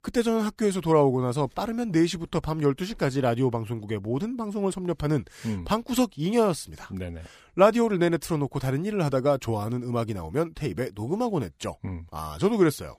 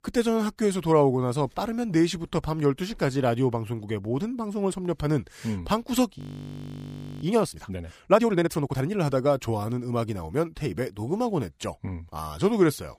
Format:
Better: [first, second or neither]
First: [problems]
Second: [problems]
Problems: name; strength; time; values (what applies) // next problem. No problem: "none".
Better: first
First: none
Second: audio freezing; at 6 s for 1 s